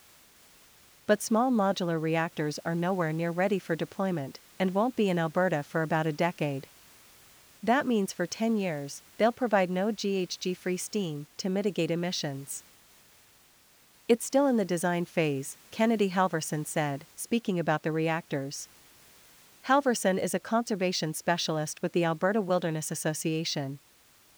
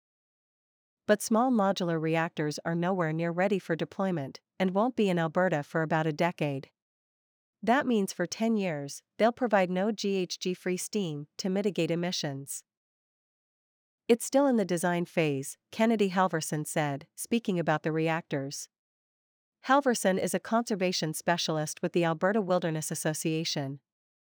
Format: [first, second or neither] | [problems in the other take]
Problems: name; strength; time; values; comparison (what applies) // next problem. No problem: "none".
second | hiss; faint; throughout; 25 dB below the speech